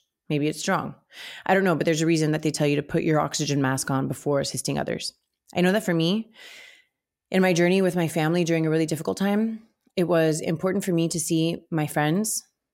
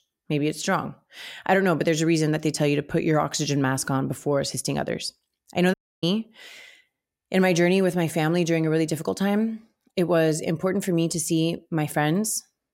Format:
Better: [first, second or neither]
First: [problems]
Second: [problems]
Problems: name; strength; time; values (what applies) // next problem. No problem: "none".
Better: first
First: none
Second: audio cutting out; at 5.5 s